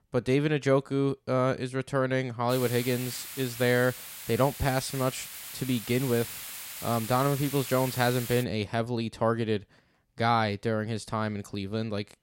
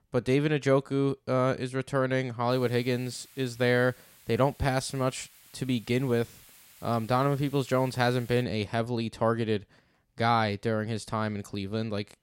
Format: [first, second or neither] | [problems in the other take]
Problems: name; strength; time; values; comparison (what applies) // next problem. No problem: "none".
second | hiss; loud; from 2.5 to 8.5 s; 9 dB below the speech; faint in the second